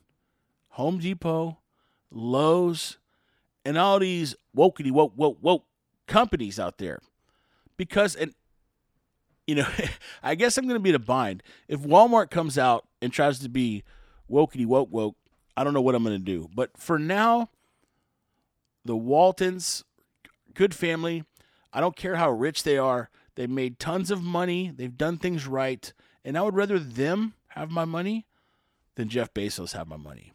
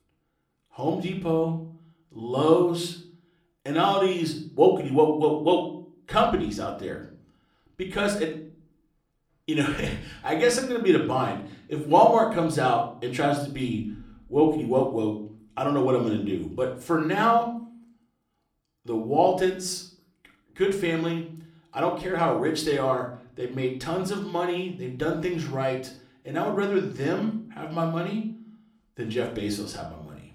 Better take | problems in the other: first | room echo; slight; dies away in 0.5 s // off-mic speech; somewhat distant

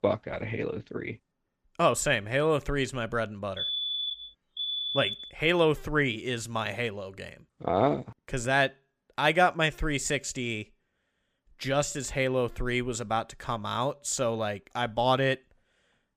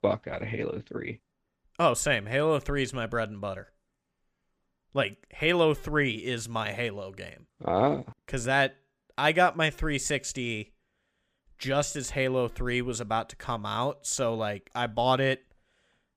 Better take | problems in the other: second | alarm; loud; from 3.5 to 5.5 s; peak level with the speech

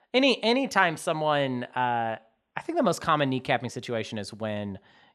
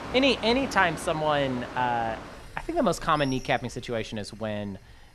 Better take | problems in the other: first | machinery noise; noticeable; throughout; 15 dB below the speech

